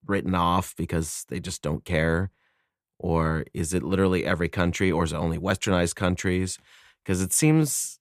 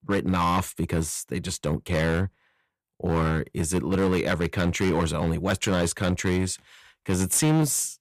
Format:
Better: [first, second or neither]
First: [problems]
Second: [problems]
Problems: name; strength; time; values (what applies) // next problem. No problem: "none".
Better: first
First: none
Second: distortion; slight; 8% of the sound clipped